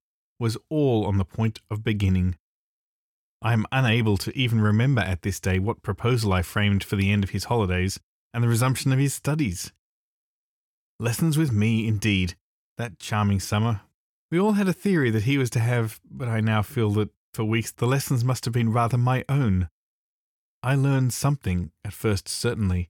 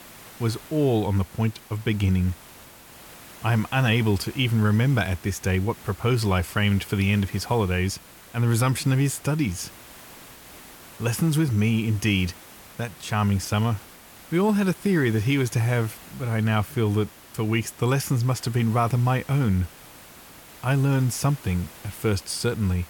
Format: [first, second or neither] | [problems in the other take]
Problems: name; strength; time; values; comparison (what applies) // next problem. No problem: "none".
first | hiss; noticeable; throughout; 20 dB below the speech